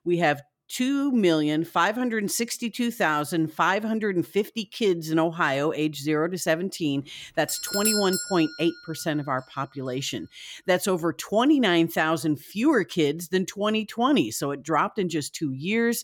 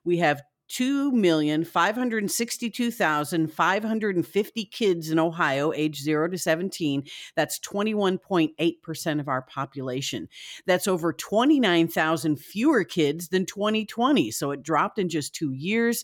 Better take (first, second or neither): second